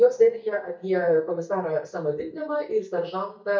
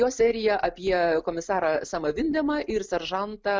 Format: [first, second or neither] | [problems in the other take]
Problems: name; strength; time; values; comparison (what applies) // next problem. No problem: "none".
second | noise reduction (neural mask model DeepFilterNet 3)